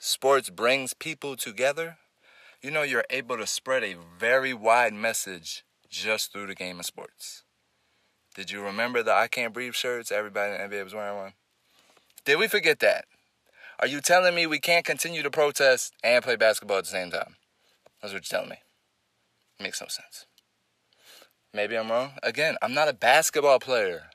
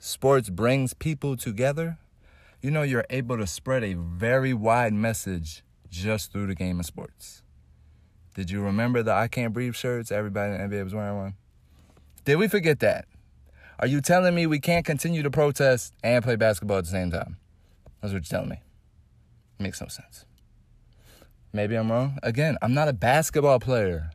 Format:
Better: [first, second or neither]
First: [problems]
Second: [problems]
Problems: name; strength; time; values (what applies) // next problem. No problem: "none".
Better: second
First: thin; very; fading below 500 Hz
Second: none